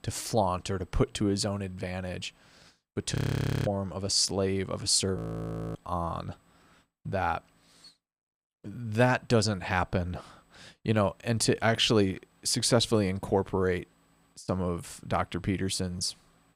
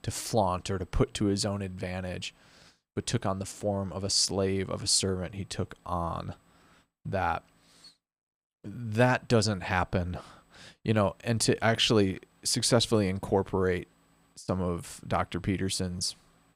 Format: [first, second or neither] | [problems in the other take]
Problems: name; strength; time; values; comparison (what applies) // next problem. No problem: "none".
second | audio freezing; at 3 s for 0.5 s and at 5 s for 0.5 s